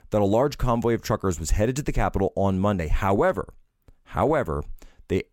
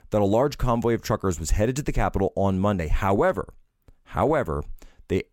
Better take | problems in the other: neither | none

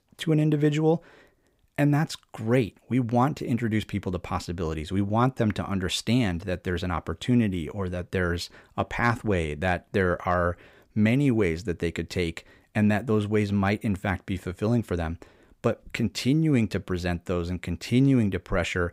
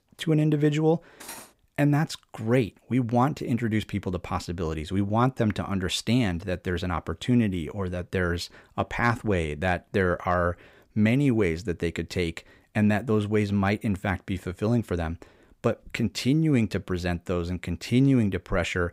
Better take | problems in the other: first | clattering dishes; faint; at 1 s; peak 15 dB below the speech

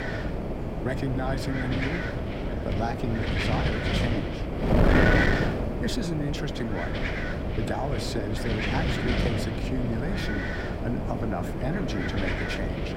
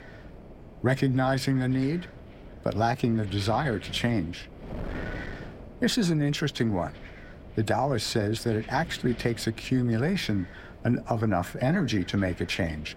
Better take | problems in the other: second | wind noise on the microphone; heavy; 4 dB above the speech; occasional gusts in the second

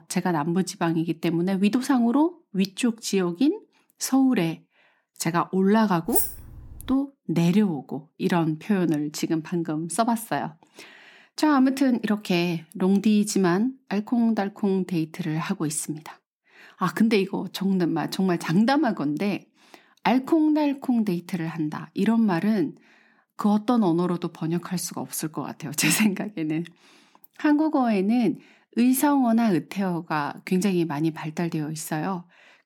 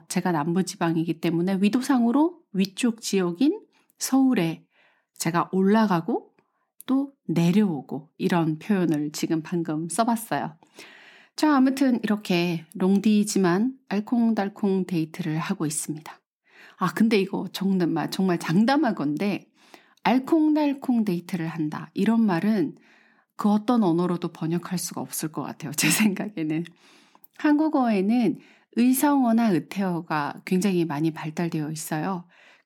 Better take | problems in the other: second | jangling keys; loud; at 6 s; peak 2 dB above the speech

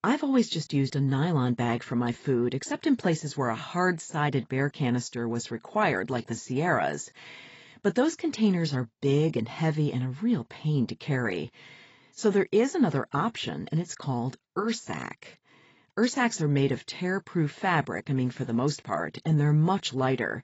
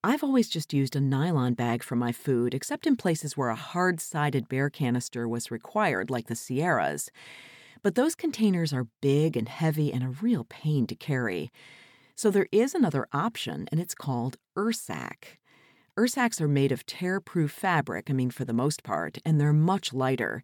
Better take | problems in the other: second | garbled, watery; badly; nothing above 7.5 kHz

